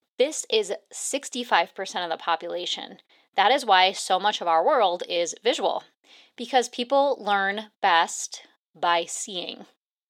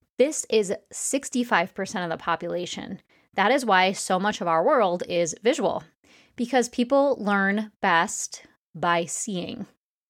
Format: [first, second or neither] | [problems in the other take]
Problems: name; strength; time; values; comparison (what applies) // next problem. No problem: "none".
second | thin; somewhat; fading below 400 Hz